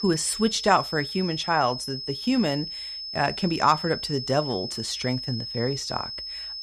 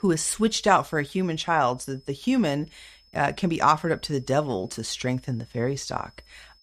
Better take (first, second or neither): second